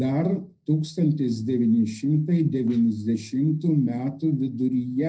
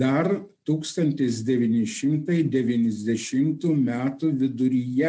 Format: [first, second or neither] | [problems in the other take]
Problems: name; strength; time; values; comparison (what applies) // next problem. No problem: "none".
second | noise reduction (neural separator model SepFormer DNS4)